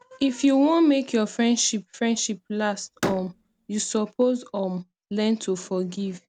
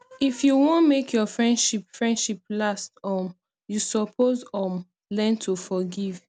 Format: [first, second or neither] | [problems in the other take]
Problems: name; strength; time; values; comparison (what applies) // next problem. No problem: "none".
second | background sound (Slam); 13 dB below the speech